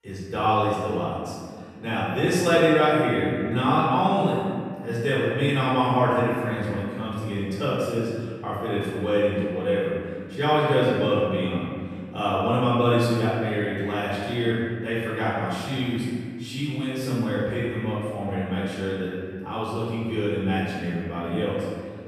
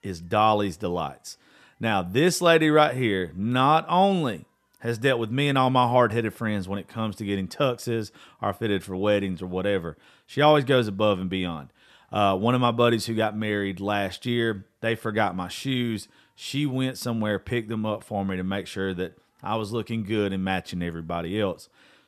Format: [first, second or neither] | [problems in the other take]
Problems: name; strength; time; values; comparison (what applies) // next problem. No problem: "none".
second | off-mic speech; far // room echo; strong; dies away in 1.9 s